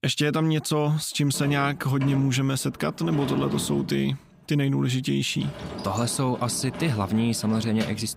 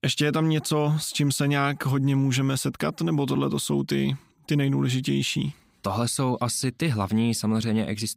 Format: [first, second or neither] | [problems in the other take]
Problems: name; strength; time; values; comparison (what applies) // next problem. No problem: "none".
second | door banging; noticeable; from 1.5 s on; peak 8 dB below the speech